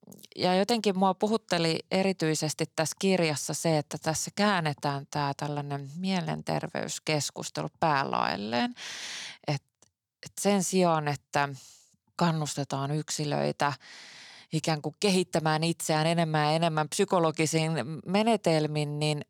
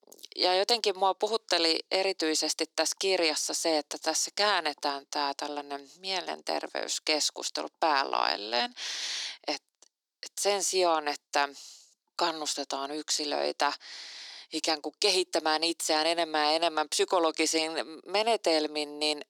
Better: first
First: none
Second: thin; very; fading below 300 Hz

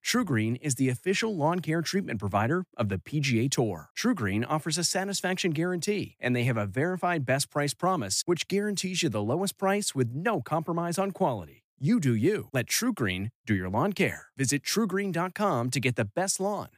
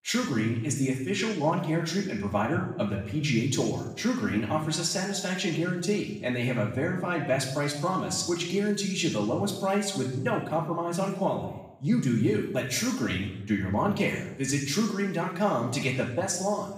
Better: first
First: none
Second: room echo; noticeable; dies away in 0.8 s // off-mic speech; far

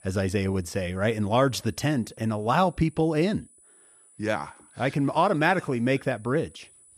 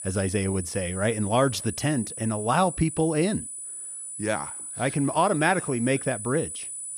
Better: first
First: high-pitched whine; faint; throughout; 10 kHz, 25 dB below the speech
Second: high-pitched whine; loud; throughout; 10 kHz, 8 dB below the speech

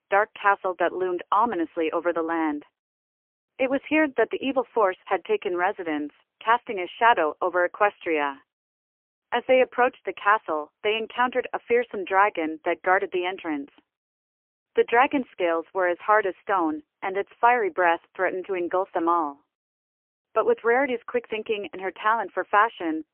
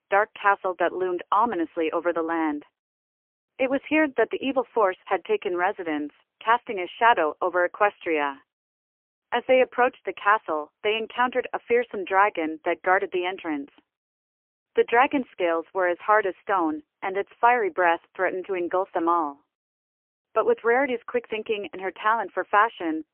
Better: neither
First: phone-call audio; poor line; nothing above 3 kHz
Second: phone-call audio; poor line; nothing above 3 kHz

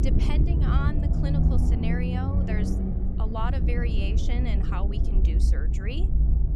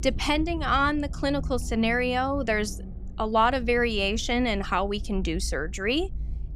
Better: second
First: low rumble; loud; throughout; 1 dB below the speech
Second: low rumble; faint; throughout; 25 dB below the speech

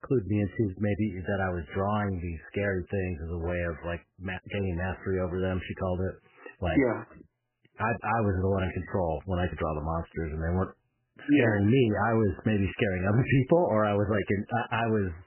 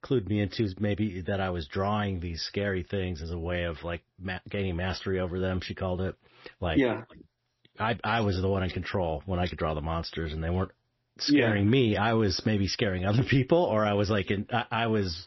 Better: second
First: garbled, watery; badly; nothing above 3 kHz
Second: garbled, watery; slightly; nothing above 5.5 kHz

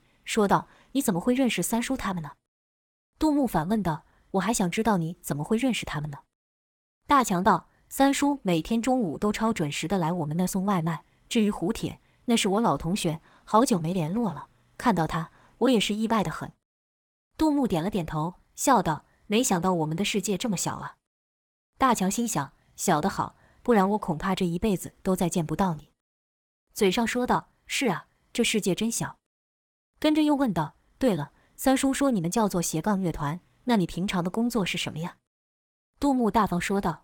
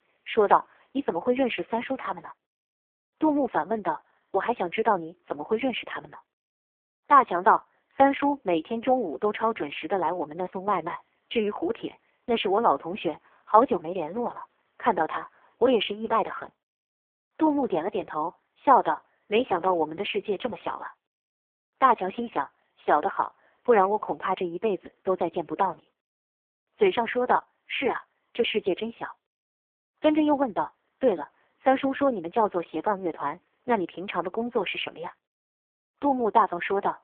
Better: first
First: none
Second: phone-call audio; poor line

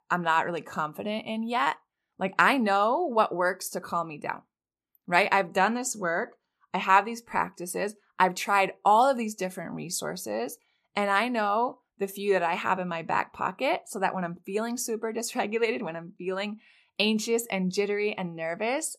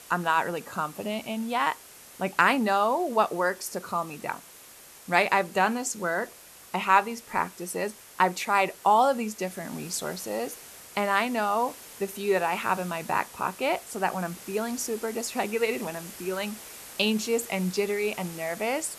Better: first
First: none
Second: hiss; noticeable; throughout; 15 dB below the speech

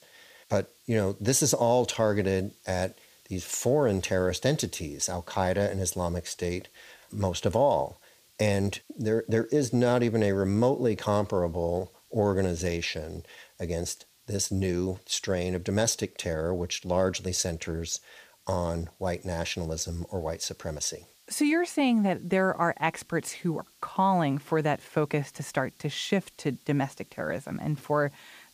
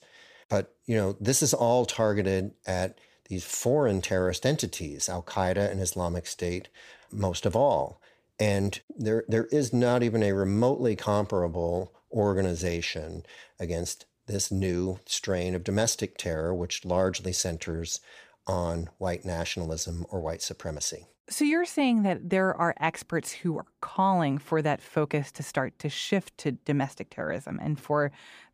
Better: second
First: hiss; faint; throughout; 30 dB below the speech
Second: none

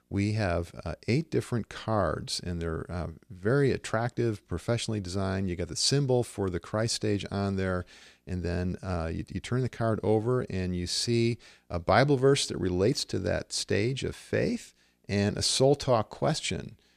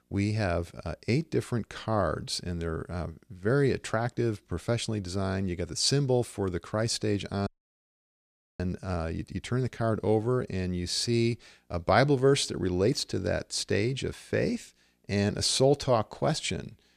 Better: first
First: none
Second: audio cutting out; at 7.5 s for 1 s

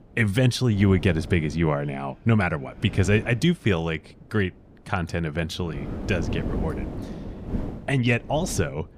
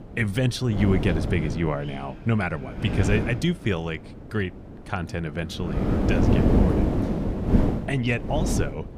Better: first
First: wind noise on the microphone; occasional gusts; 15 dB below the speech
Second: wind noise on the microphone; heavy; 1 dB below the speech

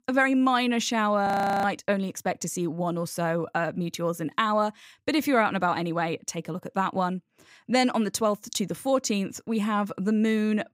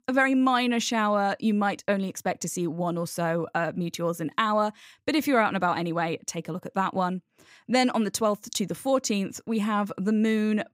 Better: second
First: audio freezing; at 1.5 s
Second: none

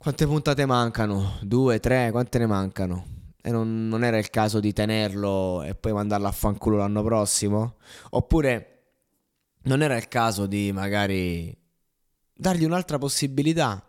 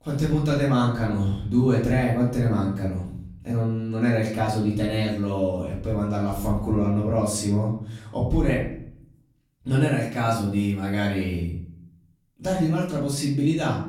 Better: first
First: none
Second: off-mic speech; far // room echo; noticeable; dies away in 0.7 s

